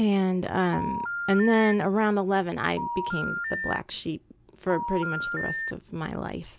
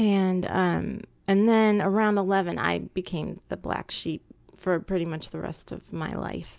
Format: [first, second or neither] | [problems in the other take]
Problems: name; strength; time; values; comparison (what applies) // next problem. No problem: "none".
second | background sound (Telephone); 5 dB below the speech